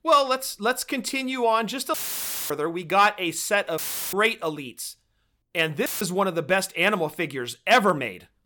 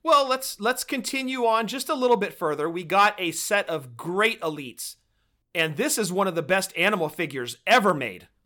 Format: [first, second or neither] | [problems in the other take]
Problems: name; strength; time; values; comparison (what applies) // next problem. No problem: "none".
second | audio cutting out; filled with static; at 2 s for 0.5 s, at 4 s and at 6 s